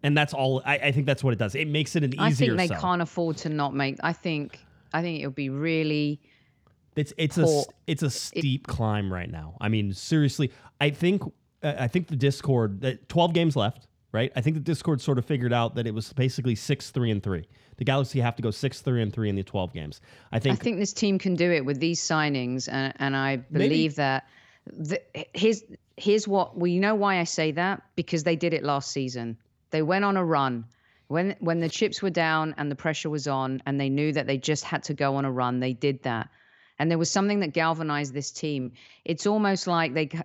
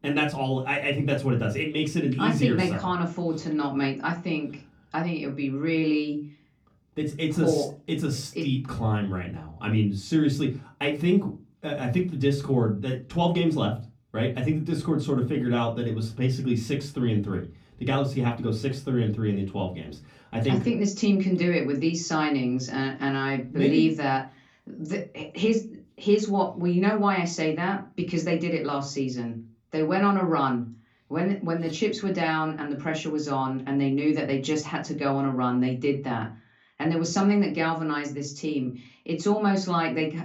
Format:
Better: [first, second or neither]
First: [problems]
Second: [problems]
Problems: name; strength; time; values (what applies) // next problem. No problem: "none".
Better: first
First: none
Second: off-mic speech; far // room echo; very slight; dies away in 0.3 s